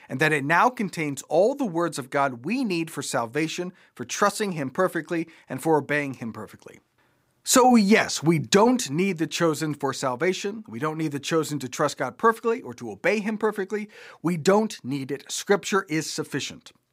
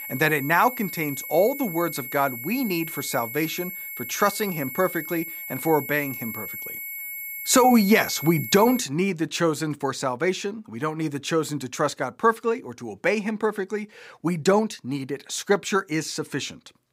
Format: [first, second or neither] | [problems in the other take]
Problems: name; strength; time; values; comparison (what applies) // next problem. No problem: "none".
first | high-pitched whine; loud; until 9 s; 2 kHz, 8 dB below the speech